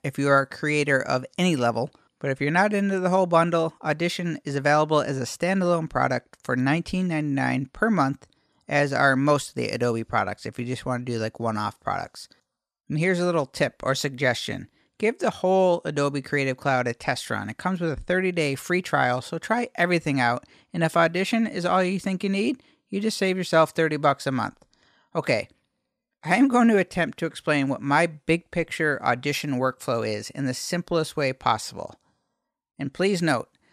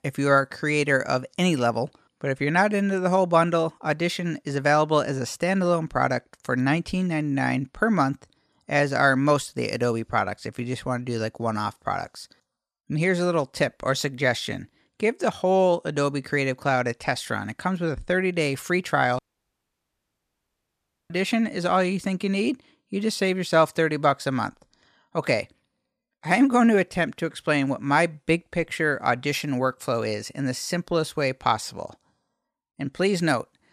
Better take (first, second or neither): first